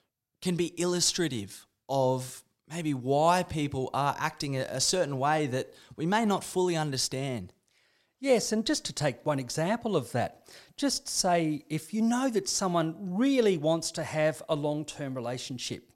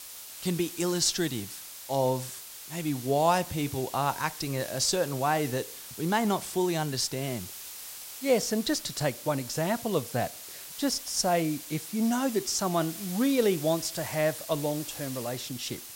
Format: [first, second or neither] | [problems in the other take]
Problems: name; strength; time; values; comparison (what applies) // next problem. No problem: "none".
first | hiss; noticeable; throughout; 10 dB below the speech